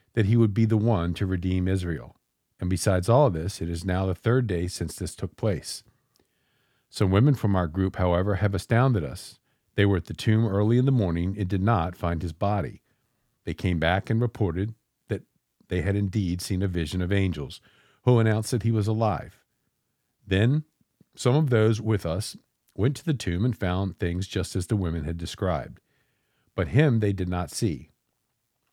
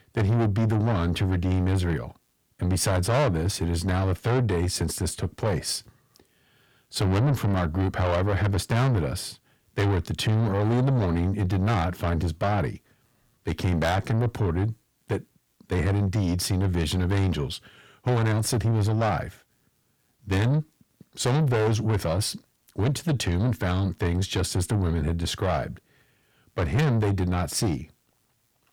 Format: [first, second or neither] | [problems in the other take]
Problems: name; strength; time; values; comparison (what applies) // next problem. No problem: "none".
first | distortion; heavy; 6 dB below the speech